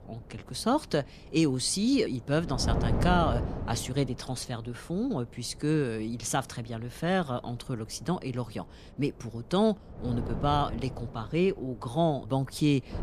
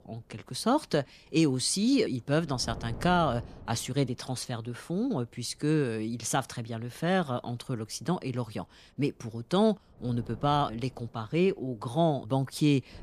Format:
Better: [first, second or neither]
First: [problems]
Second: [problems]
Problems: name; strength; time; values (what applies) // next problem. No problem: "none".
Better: second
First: wind noise on the microphone; heavy; 9 dB below the speech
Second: wind noise on the microphone; occasional gusts; 20 dB below the speech